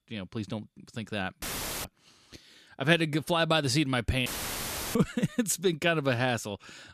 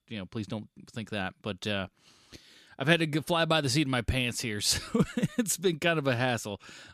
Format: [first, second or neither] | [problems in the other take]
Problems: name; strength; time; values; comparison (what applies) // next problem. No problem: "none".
second | audio cutting out; filled with static; at 1.5 s and at 4.5 s for 0.5 s